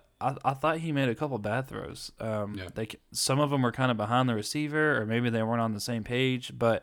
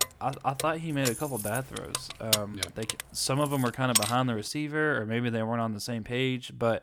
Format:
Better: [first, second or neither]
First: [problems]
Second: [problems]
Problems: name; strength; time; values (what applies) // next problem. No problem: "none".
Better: first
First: none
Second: jangling keys; loud; until 4 s; peak 4 dB above the speech